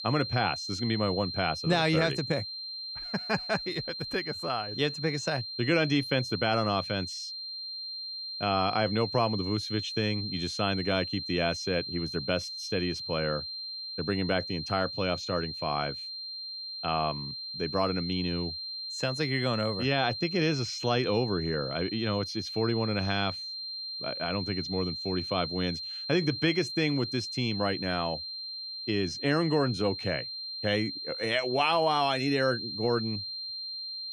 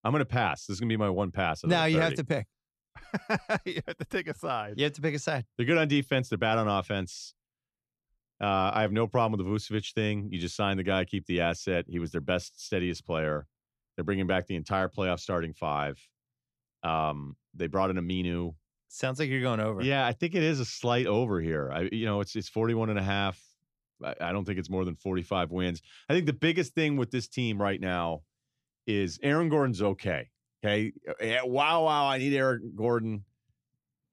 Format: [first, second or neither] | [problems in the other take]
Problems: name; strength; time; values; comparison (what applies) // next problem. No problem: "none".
second | high-pitched whine; loud; throughout; 4 kHz, 5 dB below the speech